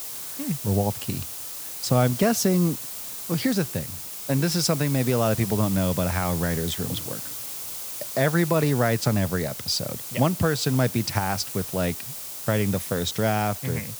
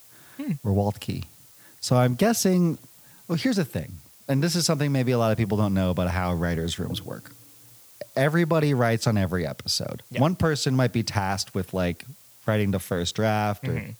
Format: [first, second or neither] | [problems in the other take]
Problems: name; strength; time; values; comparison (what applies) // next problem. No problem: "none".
second | hiss; loud; throughout; 7 dB below the speech; faint in the second